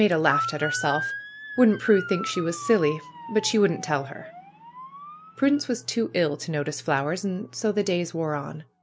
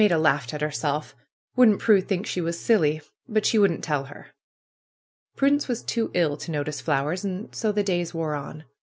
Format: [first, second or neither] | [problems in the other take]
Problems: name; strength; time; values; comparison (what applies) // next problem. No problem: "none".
second | background sound (Motor vehicle (road) / Siren); 11 dB below the speech